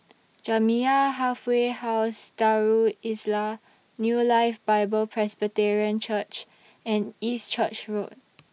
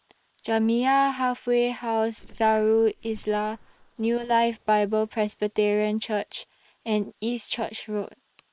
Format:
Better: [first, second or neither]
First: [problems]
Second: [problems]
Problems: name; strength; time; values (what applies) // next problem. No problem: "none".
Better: first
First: none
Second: noise reduction (neural separator model SepFormer WHAM!)